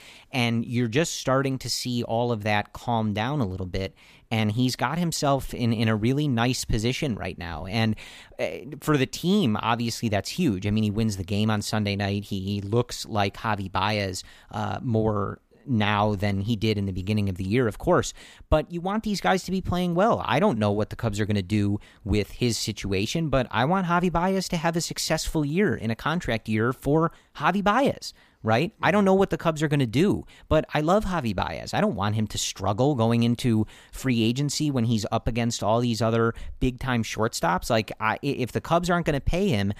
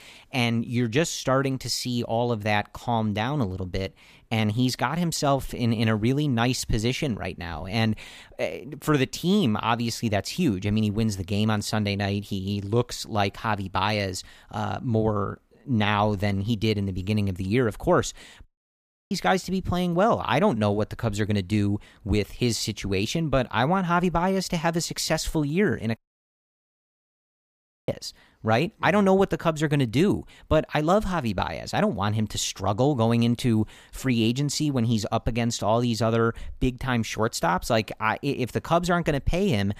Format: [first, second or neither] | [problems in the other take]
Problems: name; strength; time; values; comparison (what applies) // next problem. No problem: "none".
first | audio cutting out; at 18 s for 0.5 s and at 26 s for 2 s